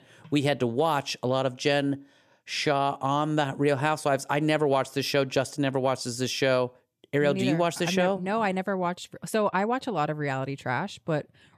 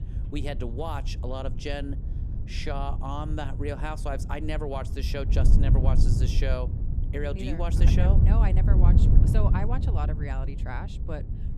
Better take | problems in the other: first | wind noise on the microphone; heavy; 6 dB below the speech

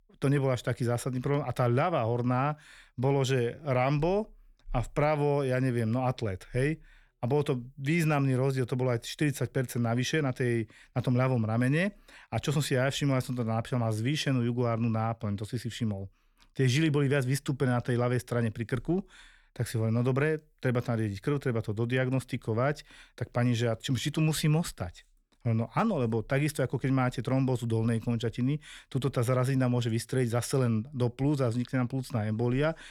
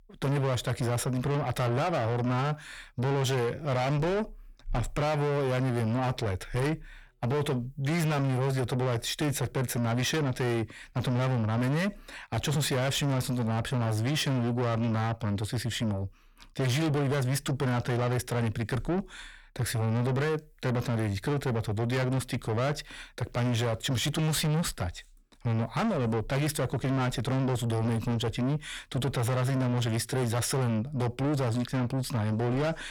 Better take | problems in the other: first | distortion; heavy; 6 dB below the speech

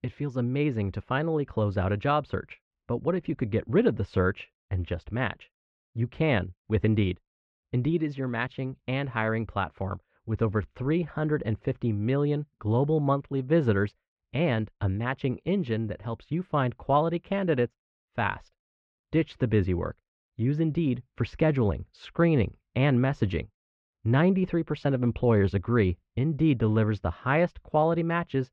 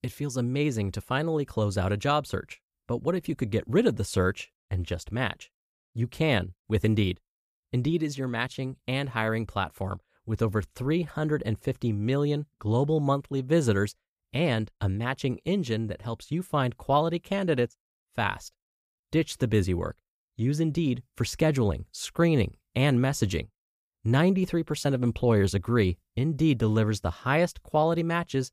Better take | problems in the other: second | muffled; very; fading above 2.5 kHz

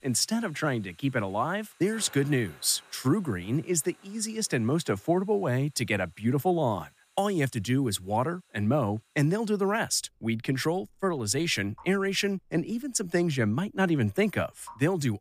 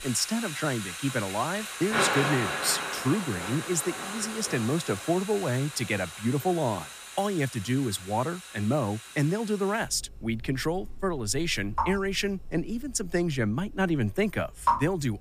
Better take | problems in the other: first | rain or running water; loud; throughout; 5 dB below the speech; faint in the first

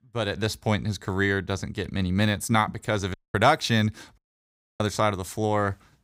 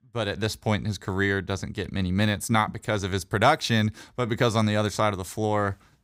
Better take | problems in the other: second | audio cutting out; at 3 s and at 4 s for 0.5 s

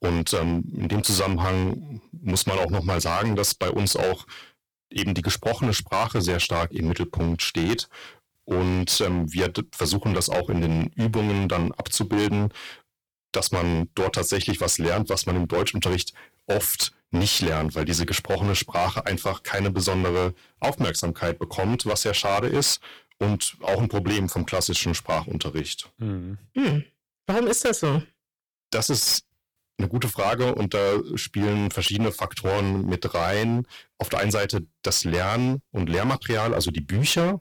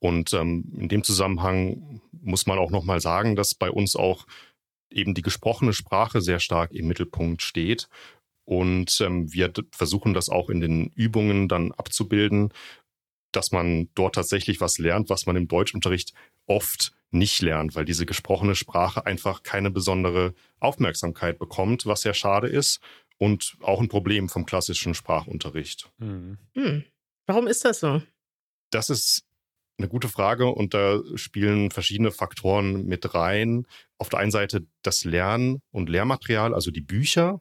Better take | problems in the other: second | distortion; heavy; 13% of the sound clipped

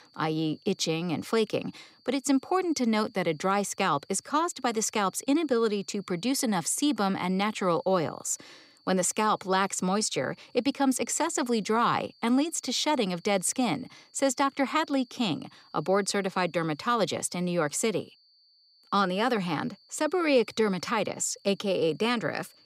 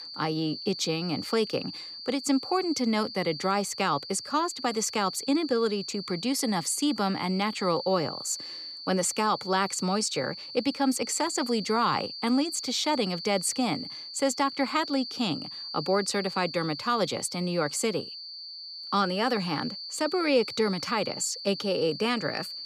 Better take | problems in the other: first | high-pitched whine; loud; throughout; 4.5 kHz, 9 dB below the speech; faint in the first

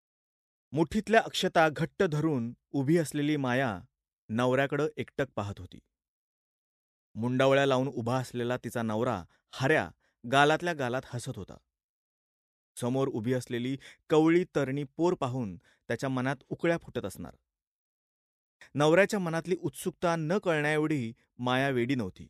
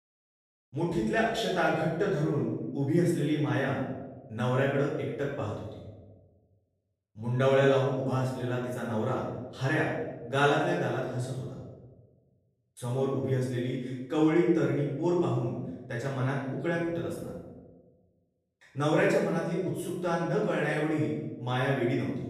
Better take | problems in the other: first | off-mic speech; far // room echo; noticeable; dies away in 1 s

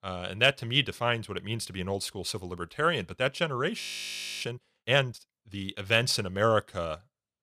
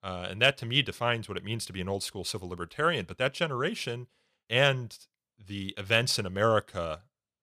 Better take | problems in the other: second | audio freezing; at 4 s for 0.5 s

